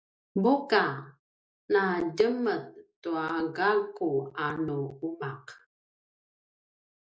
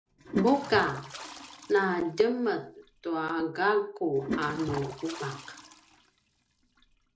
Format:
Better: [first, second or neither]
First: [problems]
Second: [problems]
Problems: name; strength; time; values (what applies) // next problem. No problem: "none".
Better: first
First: none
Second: background sound (Toilet flush); 11 dB below the speech